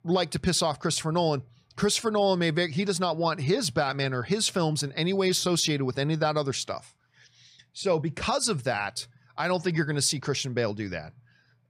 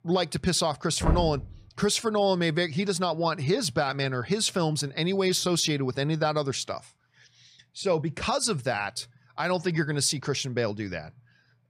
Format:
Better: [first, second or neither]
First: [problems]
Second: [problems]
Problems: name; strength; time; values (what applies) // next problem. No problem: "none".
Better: first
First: none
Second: door banging; noticeable; at 1 s; peak 2 dB below the speech